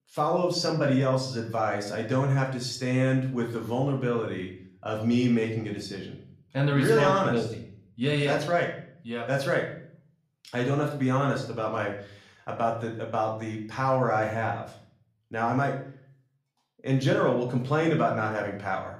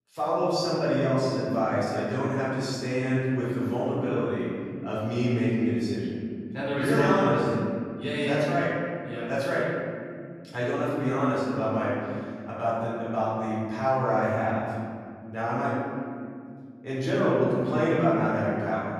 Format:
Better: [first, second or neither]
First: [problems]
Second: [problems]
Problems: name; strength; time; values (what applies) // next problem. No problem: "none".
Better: first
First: room echo; slight; dies away in 0.5 s // off-mic speech; somewhat distant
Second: room echo; strong; dies away in 2.6 s // off-mic speech; far